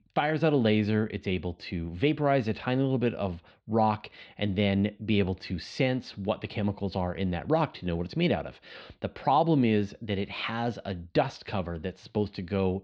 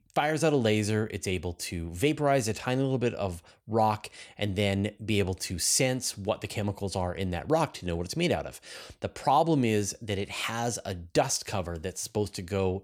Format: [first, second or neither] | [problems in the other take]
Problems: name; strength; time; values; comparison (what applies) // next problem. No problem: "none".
second | muffled; slightly; fading above 4 kHz